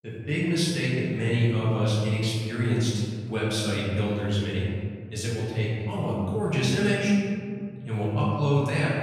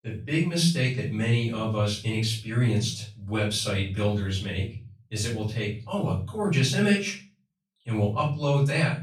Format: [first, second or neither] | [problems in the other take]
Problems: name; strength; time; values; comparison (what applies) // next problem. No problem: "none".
second | room echo; strong; dies away in 2.2 s; slight in the second // off-mic speech; far; far in the second